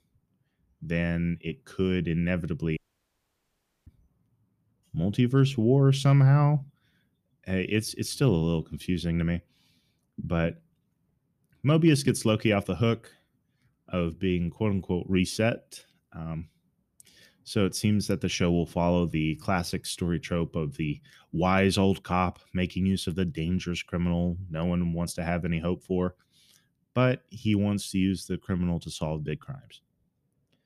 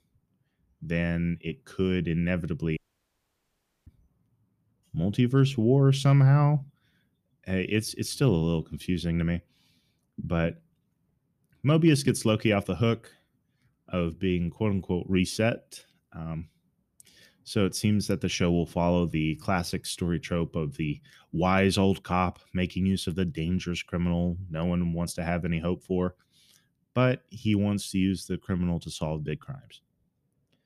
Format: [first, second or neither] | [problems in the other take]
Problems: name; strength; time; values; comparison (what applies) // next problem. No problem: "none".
neither | audio cutting out; at 3 s for 1 s; the same in both